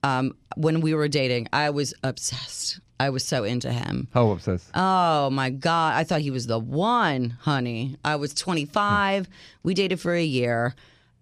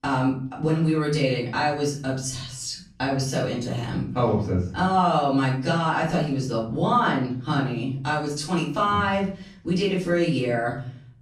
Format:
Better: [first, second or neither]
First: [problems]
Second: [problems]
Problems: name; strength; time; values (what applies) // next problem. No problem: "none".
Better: first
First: none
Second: off-mic speech; far // room echo; noticeable; dies away in 0.5 s